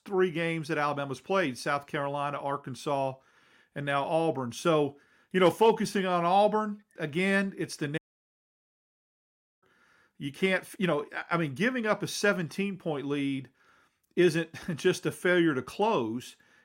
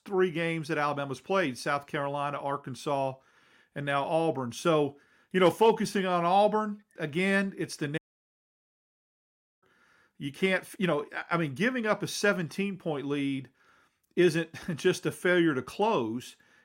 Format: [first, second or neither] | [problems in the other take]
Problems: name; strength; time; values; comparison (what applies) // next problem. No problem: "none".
neither | audio cutting out; at 8 s for 1.5 s; the same in both